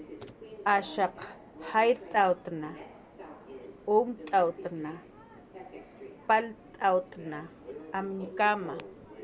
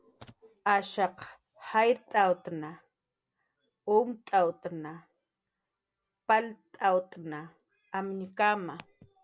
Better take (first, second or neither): second